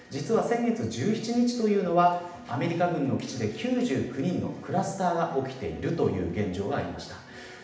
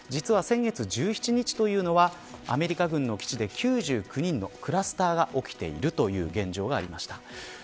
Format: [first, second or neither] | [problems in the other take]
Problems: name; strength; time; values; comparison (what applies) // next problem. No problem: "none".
second | room echo; dies away in 0.8 s